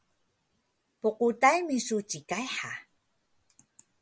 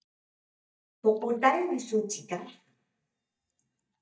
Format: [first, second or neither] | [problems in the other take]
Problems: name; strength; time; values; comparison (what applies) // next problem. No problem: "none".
first | noise reduction (neural mask model DeepFilterNet 3)